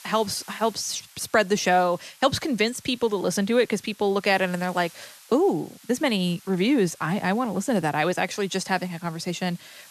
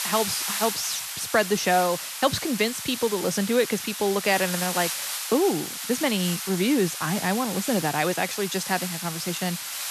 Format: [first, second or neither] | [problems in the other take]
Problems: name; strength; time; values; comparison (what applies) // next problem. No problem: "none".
first | hiss; loud; throughout; 4 dB below the speech; faint in the first